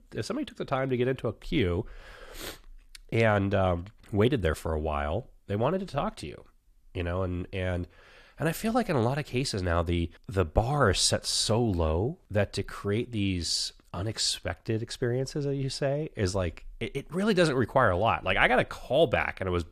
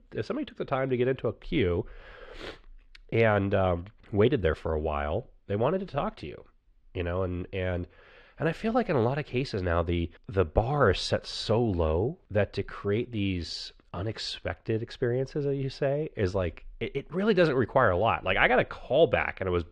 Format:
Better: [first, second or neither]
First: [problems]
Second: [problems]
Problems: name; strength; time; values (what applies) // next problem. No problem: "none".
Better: first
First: none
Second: muffled; slightly; fading above 3 kHz